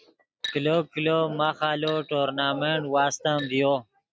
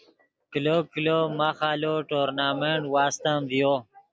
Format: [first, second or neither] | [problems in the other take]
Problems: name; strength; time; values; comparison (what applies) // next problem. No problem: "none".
second | noise reduction (neural mask model RNNoise)